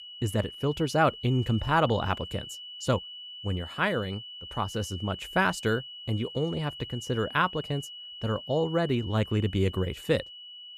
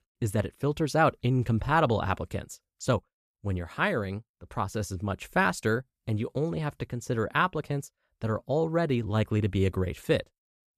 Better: second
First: high-pitched whine; noticeable; throughout; 3 kHz, 10 dB below the speech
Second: none

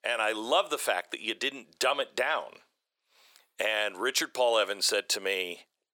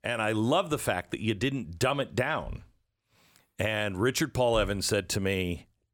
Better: second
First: thin; very; fading below 450 Hz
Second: none

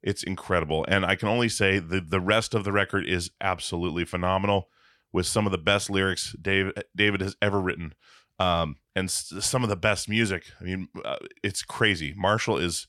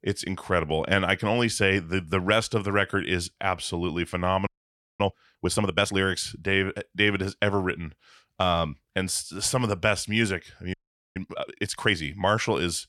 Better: first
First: none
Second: audio freezing; at 4.5 s for 0.5 s and at 11 s

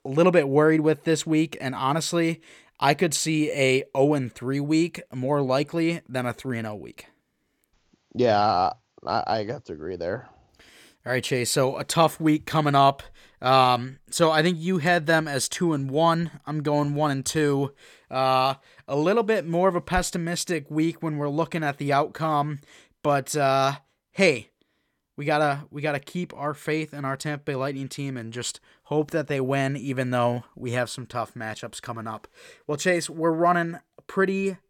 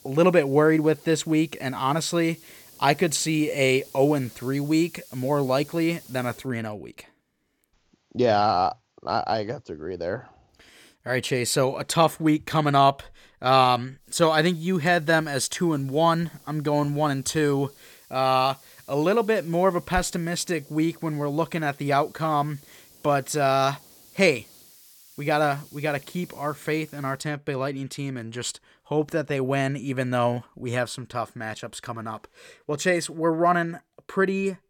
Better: first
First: none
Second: hiss; faint; until 6.5 s and from 14 to 27 s; 25 dB below the speech

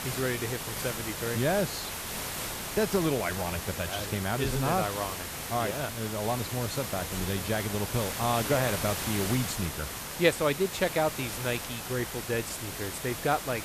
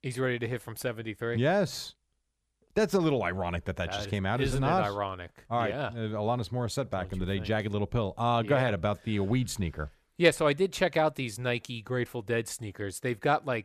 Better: second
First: hiss; loud; throughout; 4 dB below the speech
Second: none

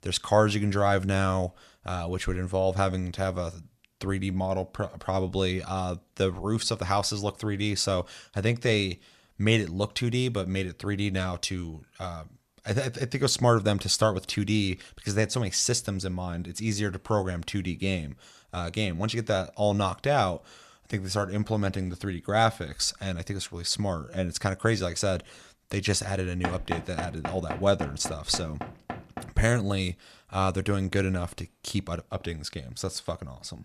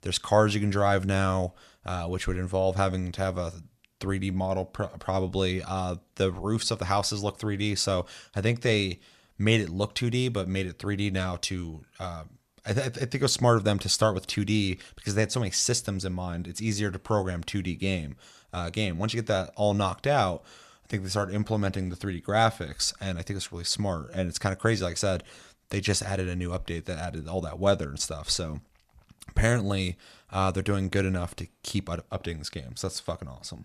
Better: second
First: door banging; noticeable; from 26 to 29 s; peak 4 dB below the speech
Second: none

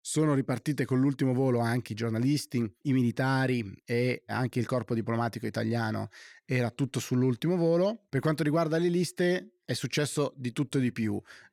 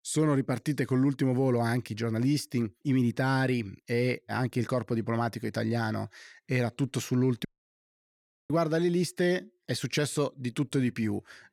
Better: first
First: none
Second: audio cutting out; at 7.5 s for 1 s

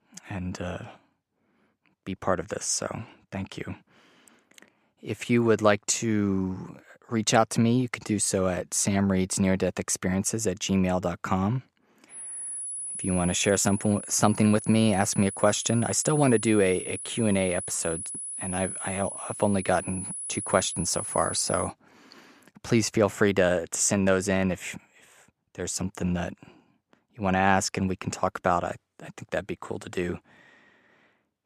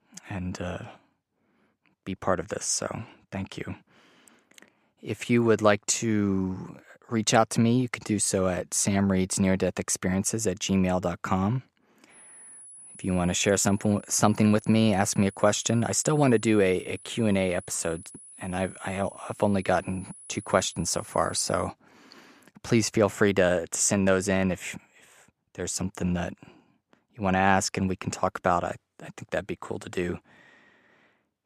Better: second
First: high-pitched whine; loud; from 12 to 22 s; 10 kHz, 8 dB below the speech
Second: high-pitched whine; faint; from 12 to 22 s; 10 kHz, 20 dB below the speech

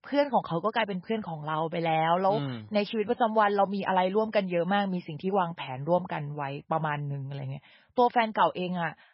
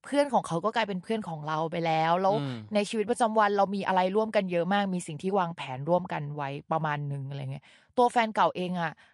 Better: second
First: garbled, watery; badly; nothing above 5.5 kHz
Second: garbled, watery; slightly; nothing above 11 kHz

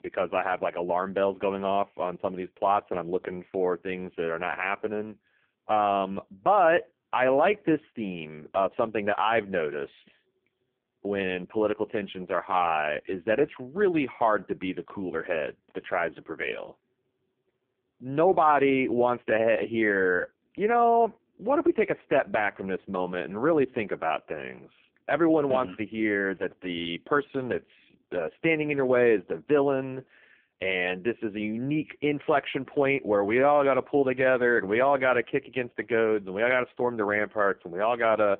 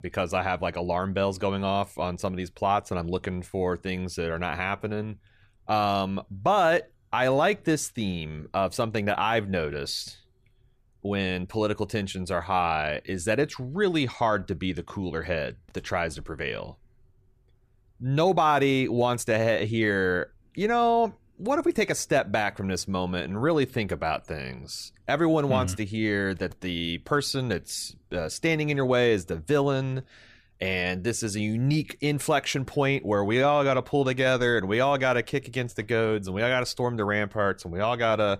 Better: second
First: phone-call audio; poor line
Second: none

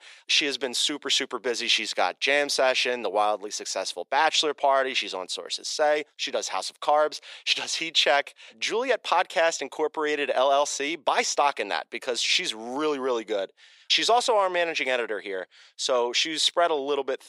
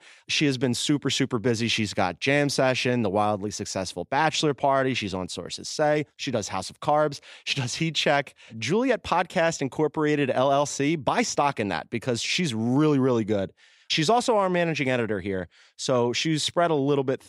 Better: second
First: thin; very; fading below 450 Hz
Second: none

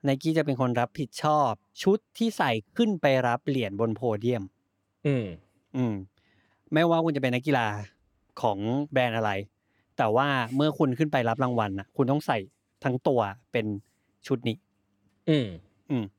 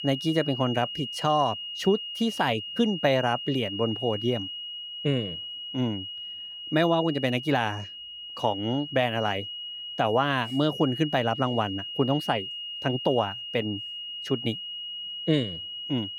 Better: first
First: none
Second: high-pitched whine; loud; throughout; 3 kHz, 7 dB below the speech

